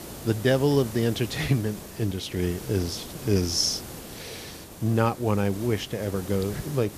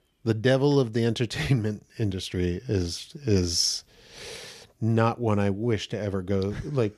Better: second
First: hiss; noticeable; throughout; 15 dB below the speech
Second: none

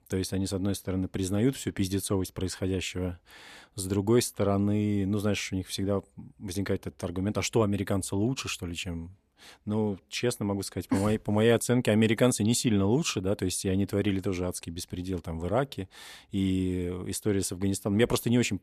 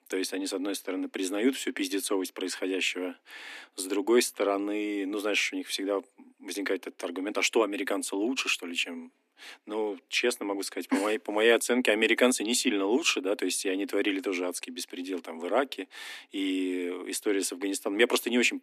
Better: first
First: none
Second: thin; very slightly; fading below 250 Hz

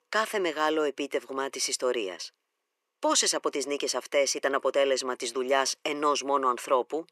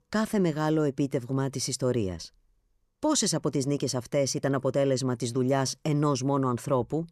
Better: second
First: thin; very; fading below 350 Hz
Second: none

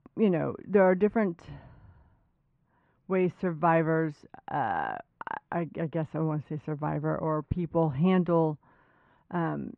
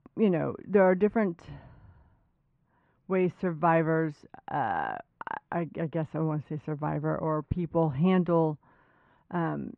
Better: neither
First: muffled; very; fading above 2.5 kHz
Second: muffled; very; fading above 2.5 kHz

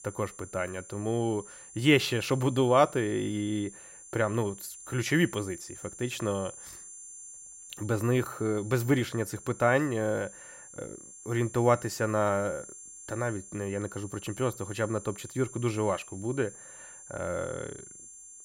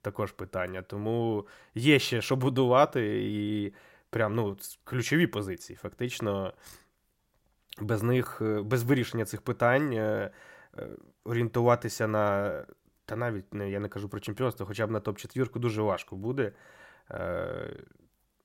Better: second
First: high-pitched whine; noticeable; throughout; 7.5 kHz, 15 dB below the speech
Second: none

